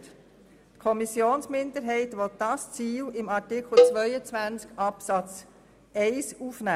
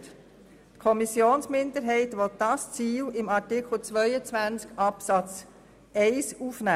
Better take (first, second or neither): second